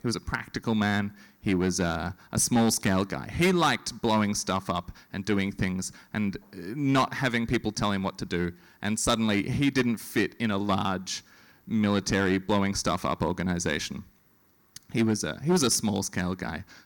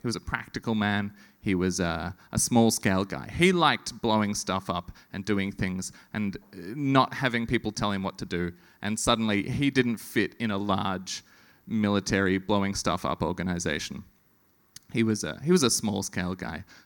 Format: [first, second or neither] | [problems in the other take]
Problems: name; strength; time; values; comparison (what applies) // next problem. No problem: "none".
second | distortion; slight; 3% of the sound clipped